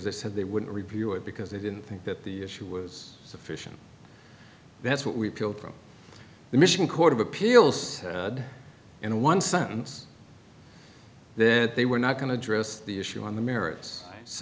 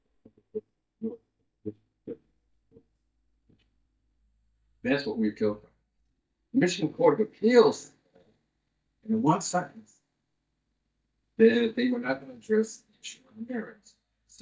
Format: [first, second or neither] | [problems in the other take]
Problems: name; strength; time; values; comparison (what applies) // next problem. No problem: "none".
first | noise reduction (neural mask model DeepFilterNet 3)